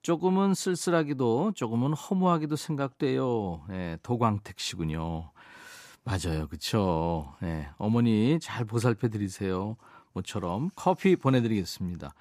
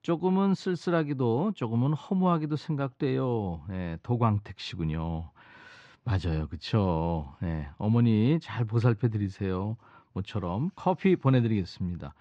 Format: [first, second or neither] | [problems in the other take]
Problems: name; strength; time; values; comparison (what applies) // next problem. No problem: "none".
first | muffled; very slightly; fading above 4 kHz